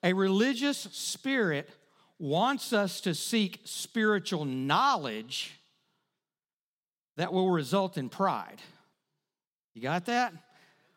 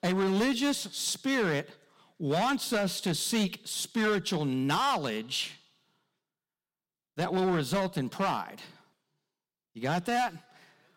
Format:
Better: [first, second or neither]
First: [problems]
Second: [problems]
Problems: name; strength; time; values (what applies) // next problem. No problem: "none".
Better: first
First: none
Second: distortion; heavy; 9% of the sound clipped